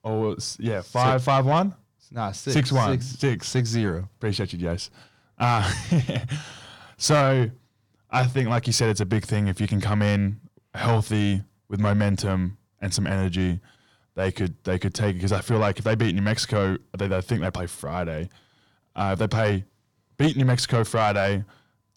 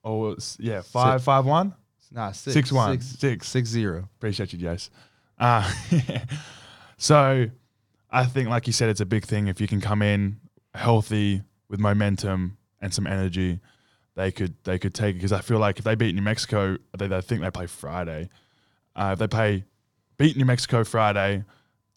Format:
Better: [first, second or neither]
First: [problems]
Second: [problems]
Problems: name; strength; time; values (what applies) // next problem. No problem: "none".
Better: second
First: distortion; slight; 10 dB below the speech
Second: none